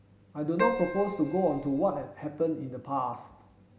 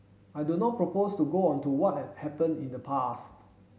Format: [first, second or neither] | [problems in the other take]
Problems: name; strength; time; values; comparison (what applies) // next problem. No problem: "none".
second | background sound (Keyboard (musical)); 4 dB below the speech